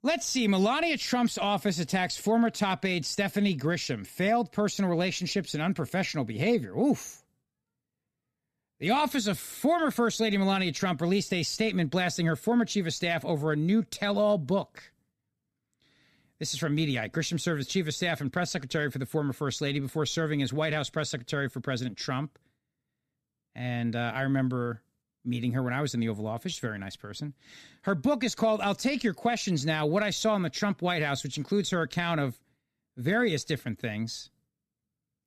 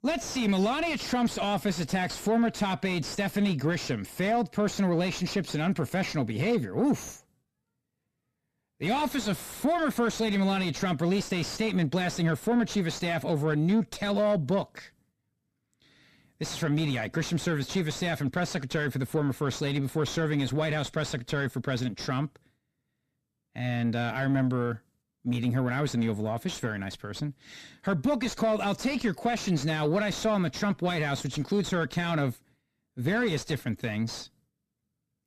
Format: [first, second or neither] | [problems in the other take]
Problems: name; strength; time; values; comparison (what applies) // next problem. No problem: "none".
first | distortion; slight; 9 dB below the speech